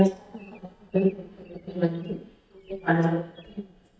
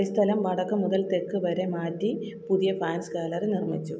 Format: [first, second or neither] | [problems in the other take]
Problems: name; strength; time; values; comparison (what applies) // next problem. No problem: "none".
second | noise reduction (neural mask model DeepFilterNet 3)